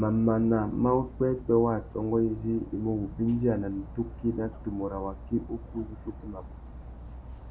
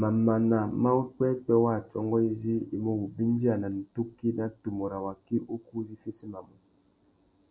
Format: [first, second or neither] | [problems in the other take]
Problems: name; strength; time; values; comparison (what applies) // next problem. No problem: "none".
second | background sound (Dog); 14 dB below the speech